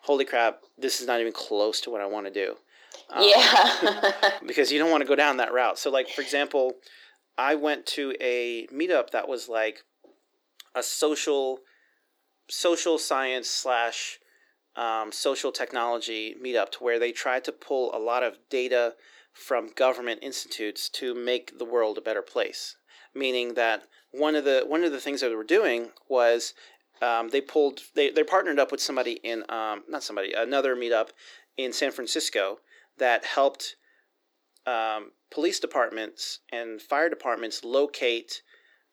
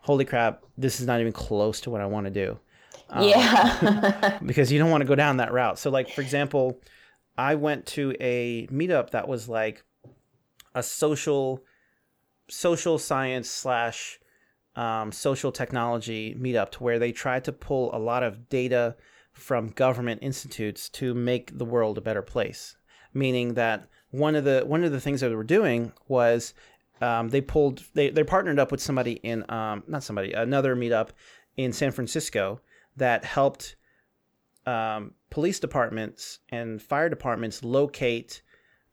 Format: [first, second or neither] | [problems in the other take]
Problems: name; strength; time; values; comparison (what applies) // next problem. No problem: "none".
second | thin; somewhat; fading below 300 Hz